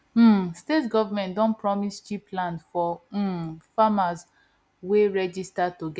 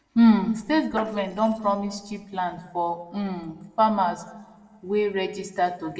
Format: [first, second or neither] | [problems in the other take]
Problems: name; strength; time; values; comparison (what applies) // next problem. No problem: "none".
first | noise reduction (neural separator model SepFormer DNS4)